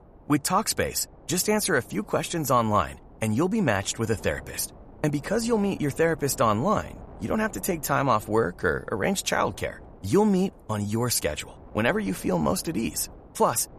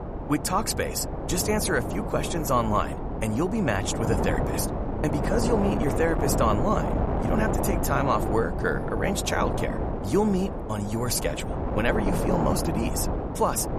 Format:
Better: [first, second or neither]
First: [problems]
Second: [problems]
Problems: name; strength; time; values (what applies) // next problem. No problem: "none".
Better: first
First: wind noise on the microphone; occasional gusts; 25 dB below the speech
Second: wind noise on the microphone; heavy; 4 dB below the speech